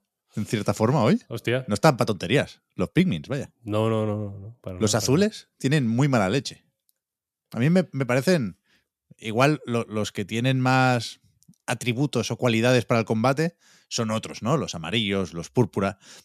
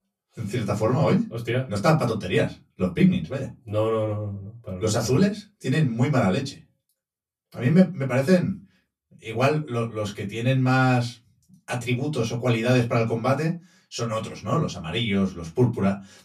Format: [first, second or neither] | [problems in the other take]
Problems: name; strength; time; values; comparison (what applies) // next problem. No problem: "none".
first | off-mic speech; far // room echo; very slight; dies away in 0.2 s